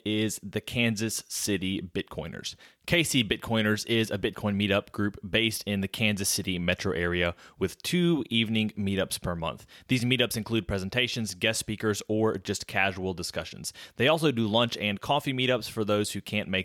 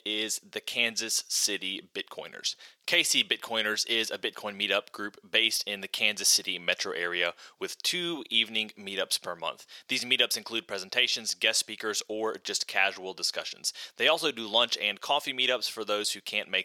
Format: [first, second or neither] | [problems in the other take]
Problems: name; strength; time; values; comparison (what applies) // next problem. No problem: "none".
first | thin; somewhat; fading below 500 Hz